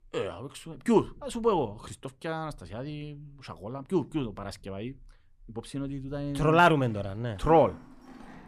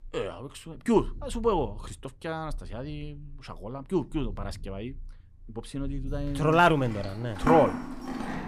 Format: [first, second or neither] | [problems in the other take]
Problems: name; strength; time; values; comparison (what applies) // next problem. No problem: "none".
first | animal sounds; loud; throughout; 9 dB below the speech; faint in the first